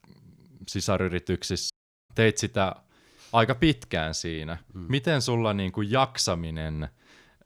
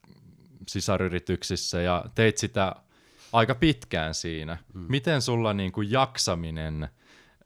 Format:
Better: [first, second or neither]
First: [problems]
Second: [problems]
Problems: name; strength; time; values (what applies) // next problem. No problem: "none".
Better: second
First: audio cutting out; at 1.5 s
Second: none